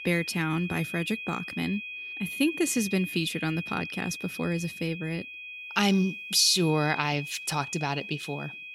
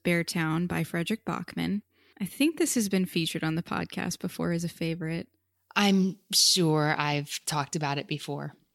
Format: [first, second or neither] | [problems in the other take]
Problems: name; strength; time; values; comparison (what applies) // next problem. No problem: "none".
second | high-pitched whine; loud; throughout; 2.5 kHz, 9 dB below the speech